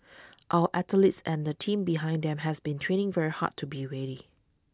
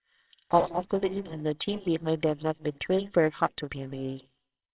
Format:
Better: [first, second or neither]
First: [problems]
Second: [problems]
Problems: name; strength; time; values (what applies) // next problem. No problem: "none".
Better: first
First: none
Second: noise reduction (neural separator model SepFormer WHAMR!)